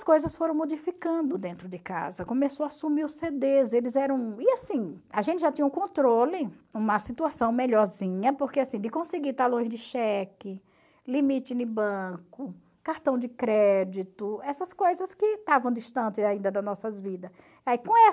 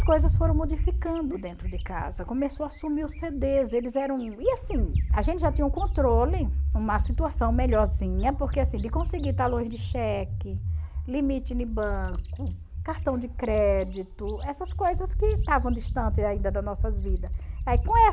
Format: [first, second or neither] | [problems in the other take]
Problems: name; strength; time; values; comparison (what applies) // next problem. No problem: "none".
first | background sound (Bird); 1 dB above the speech